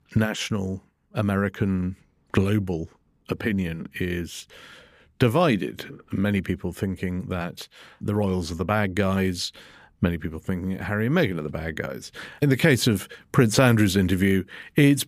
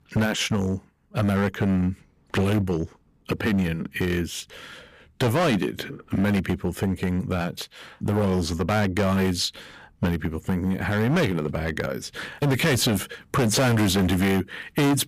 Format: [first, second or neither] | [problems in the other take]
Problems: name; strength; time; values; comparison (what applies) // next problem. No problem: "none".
first | distortion; heavy; 12% of the sound clipped